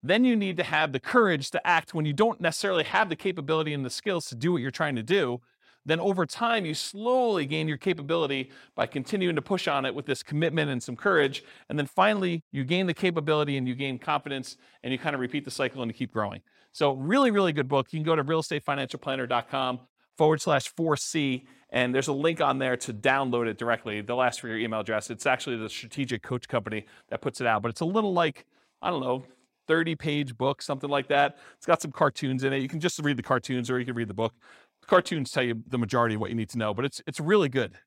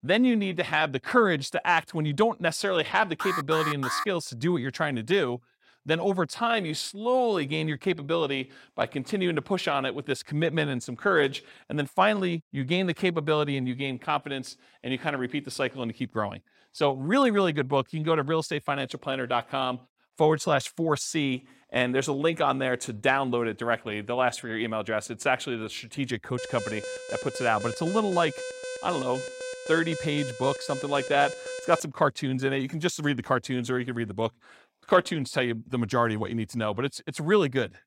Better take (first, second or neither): first